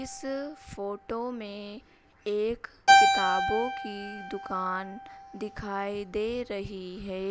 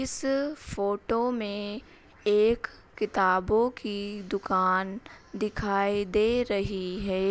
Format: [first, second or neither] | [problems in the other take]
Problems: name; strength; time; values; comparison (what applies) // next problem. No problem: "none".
second | background sound (Keyboard (musical)); 4 dB above the speech